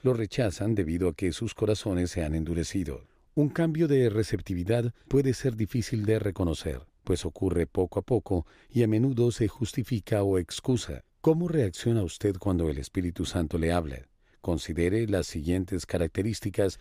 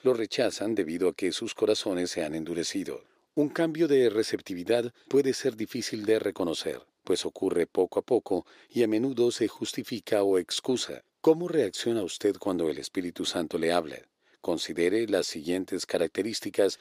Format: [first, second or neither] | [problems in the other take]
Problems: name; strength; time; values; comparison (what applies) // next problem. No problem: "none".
first | thin; somewhat; fading below 350 Hz